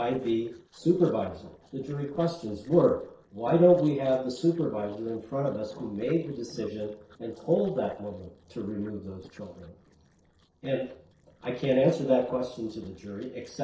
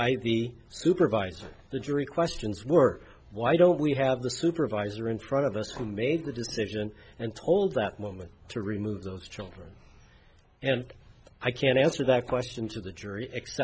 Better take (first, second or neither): second